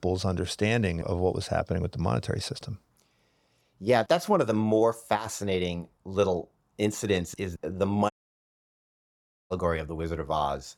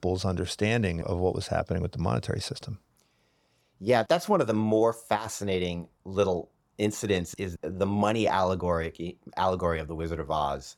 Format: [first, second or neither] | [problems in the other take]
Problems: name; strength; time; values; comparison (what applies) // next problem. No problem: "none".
second | audio cutting out; at 8 s for 1.5 s